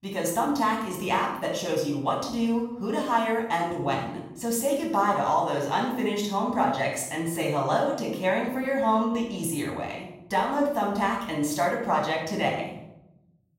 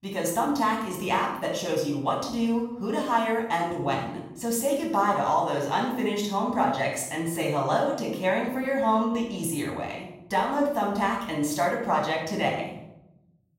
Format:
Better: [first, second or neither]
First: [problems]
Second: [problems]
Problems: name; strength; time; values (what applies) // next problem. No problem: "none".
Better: neither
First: off-mic speech; far // room echo; noticeable; dies away in 0.8 s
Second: off-mic speech; far // room echo; noticeable; dies away in 0.8 s